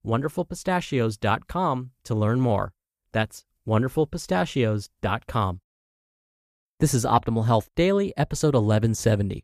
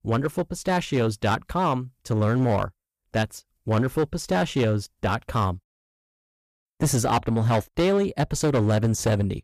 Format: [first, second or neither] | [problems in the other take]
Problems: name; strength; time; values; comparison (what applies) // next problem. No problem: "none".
first | distortion; slight; 9% of the sound clipped